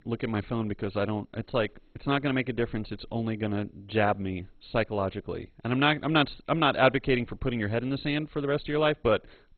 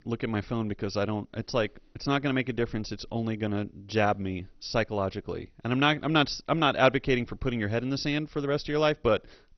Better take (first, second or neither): second